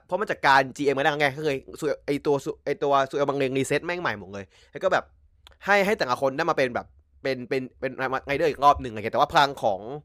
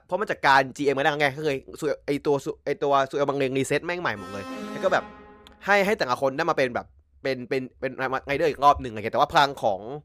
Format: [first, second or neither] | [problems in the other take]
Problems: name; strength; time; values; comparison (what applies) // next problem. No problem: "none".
first | alarm; faint; from 4 to 5.5 s; peak 10 dB below the speech